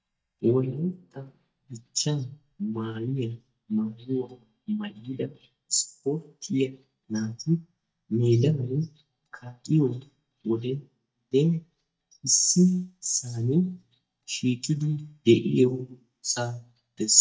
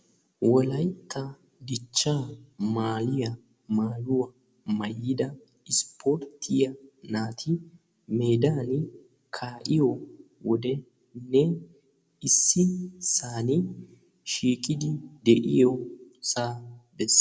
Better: second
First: noise reduction (neural mask model DeepFilterNet 3)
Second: none

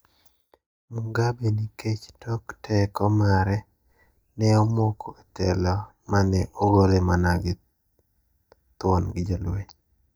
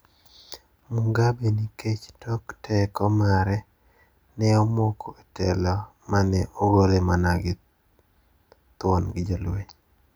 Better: second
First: noise reduction (neural mask model DeepFilterNet 3)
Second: none

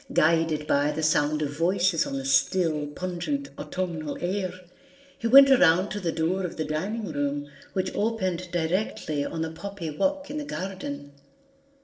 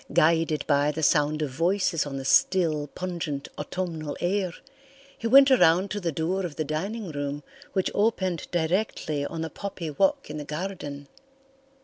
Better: second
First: noise reduction (neural separator model SepFormer DNS4)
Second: none

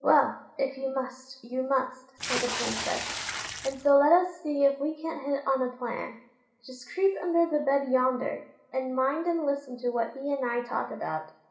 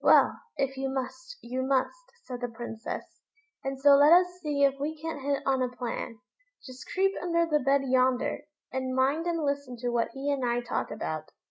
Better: second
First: background sound (Water / Splash, splatter); 5 dB below the speech // room echo; dies away in 0.9 s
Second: none

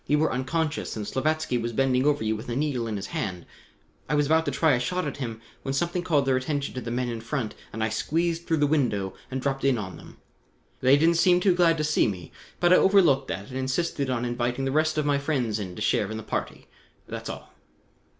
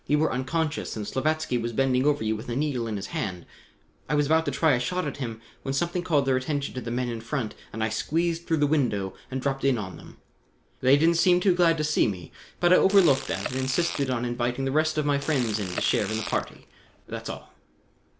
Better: first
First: none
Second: background sound (Fart); 11 dB below the speech

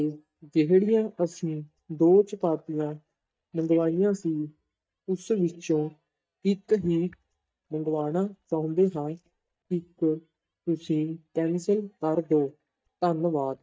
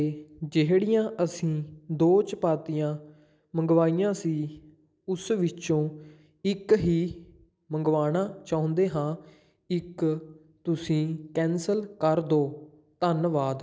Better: second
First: noise reduction (neural mask model DeepFilterNet 3)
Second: none

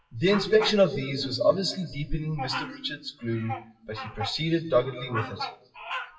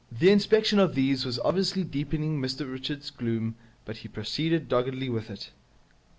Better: second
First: noise reduction (classical method WPE with log-MMSE)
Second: none

